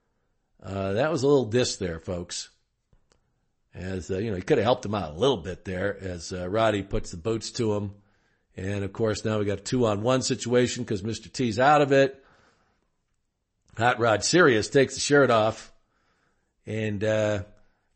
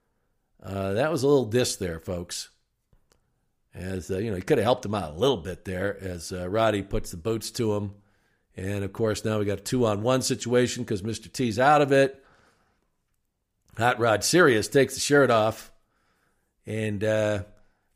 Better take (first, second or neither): second